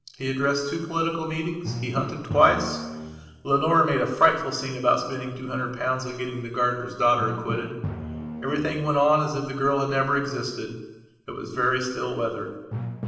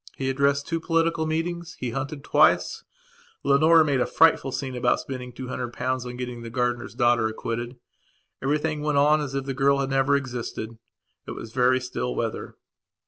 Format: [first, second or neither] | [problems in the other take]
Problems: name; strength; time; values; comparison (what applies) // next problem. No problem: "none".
second | background sound (Drum); 13 dB below the speech // room echo; dies away in 1.1 s